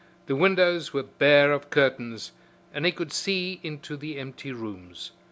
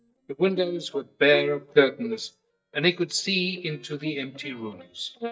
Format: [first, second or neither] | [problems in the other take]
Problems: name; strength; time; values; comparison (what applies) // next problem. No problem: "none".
first | noise reduction (neural mask model DeepFilterNet 3)